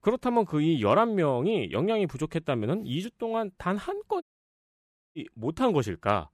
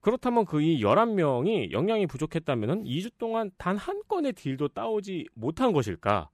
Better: second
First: audio cutting out; at 4 s for 1 s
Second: none

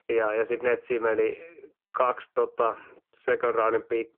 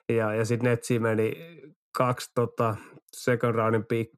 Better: second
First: phone-call audio; poor line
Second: none

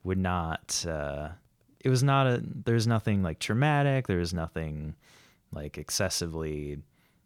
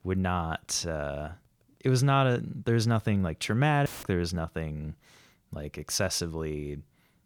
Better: first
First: none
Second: audio cutting out; filled with static; at 4 s

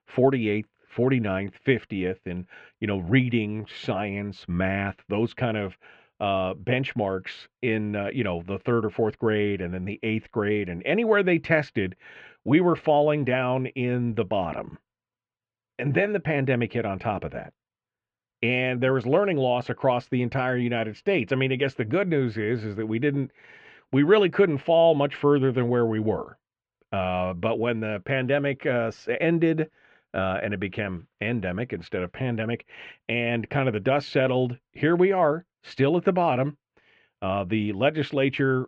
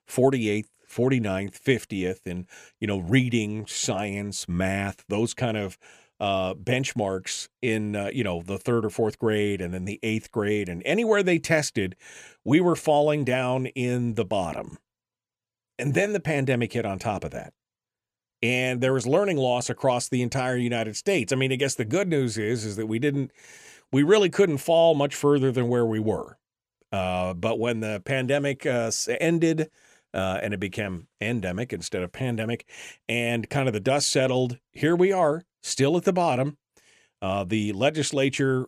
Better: second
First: muffled; very; fading above 3 kHz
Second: none

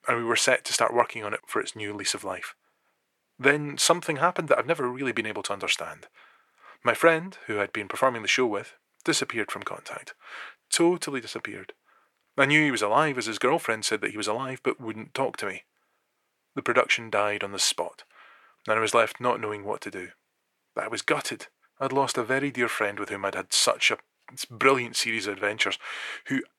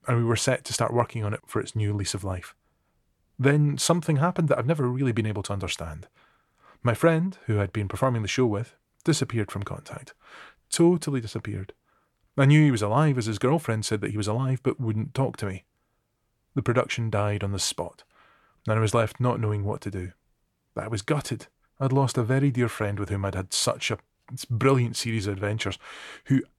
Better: second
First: thin; somewhat; fading below 400 Hz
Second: none

